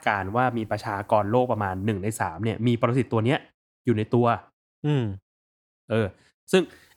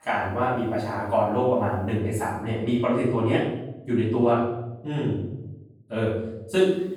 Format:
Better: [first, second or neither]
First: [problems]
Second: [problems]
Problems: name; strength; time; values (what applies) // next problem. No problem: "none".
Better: first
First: none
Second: off-mic speech; far // room echo; noticeable; dies away in 0.8 s